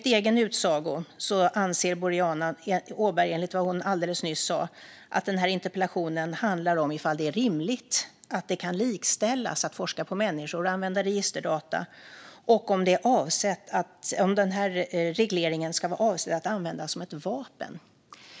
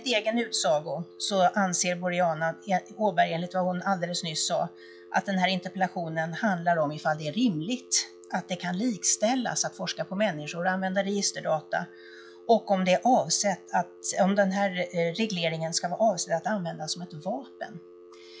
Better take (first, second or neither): first